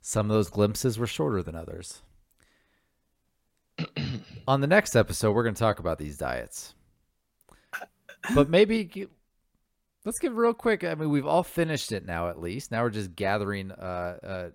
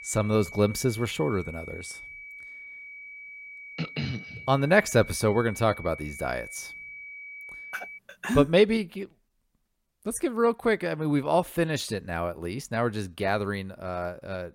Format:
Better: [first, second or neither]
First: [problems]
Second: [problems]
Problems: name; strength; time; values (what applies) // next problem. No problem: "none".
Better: first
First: none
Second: high-pitched whine; noticeable; until 8 s; 2.5 kHz, 15 dB below the speech